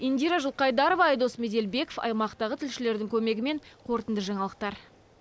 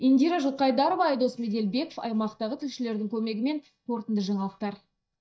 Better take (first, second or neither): first